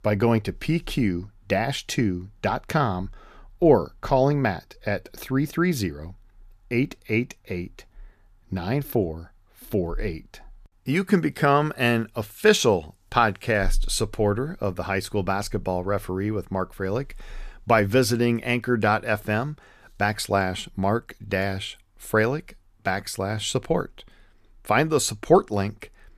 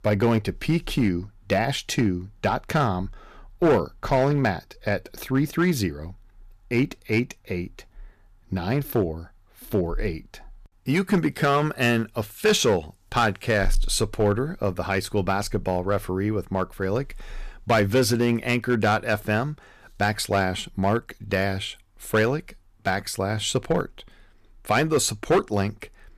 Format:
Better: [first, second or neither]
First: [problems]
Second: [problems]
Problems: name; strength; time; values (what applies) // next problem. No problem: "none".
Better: first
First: none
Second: distortion; slight; 3% of the sound clipped